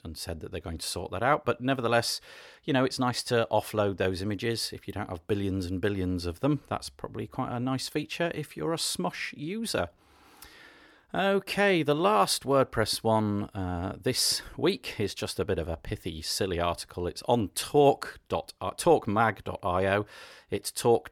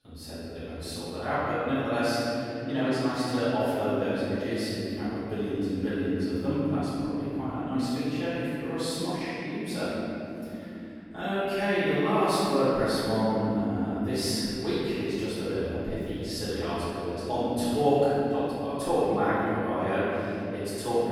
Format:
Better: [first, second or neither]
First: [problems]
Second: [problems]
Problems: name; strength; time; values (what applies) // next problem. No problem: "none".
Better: first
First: none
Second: room echo; strong; dies away in 3 s // off-mic speech; far